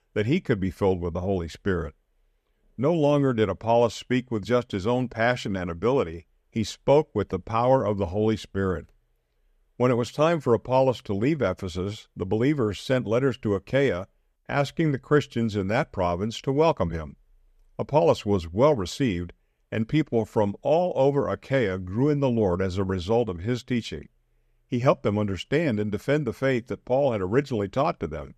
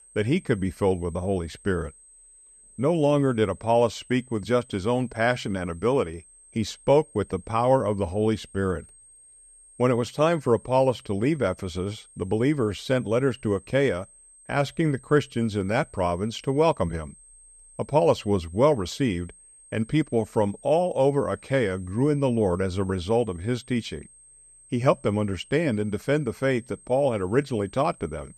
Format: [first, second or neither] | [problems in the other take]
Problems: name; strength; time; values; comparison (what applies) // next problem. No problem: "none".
first | high-pitched whine; faint; throughout; 8.5 kHz, 25 dB below the speech